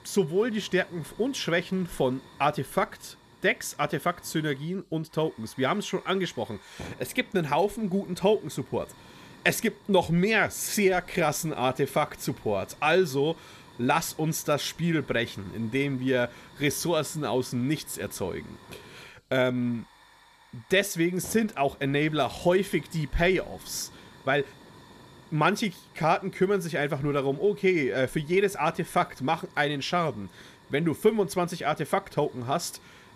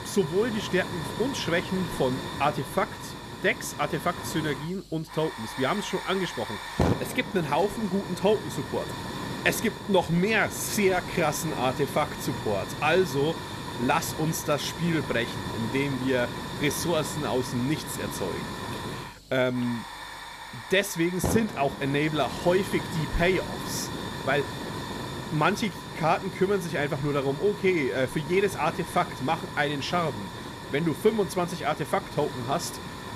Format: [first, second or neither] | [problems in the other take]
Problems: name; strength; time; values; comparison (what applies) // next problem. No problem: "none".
first | hiss; loud; throughout; 8 dB below the speech; faint in the first